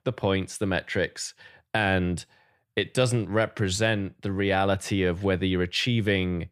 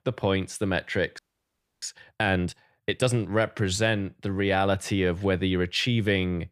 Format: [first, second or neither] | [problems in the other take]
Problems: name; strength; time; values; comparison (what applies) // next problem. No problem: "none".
first | audio freezing; at 1 s for 0.5 s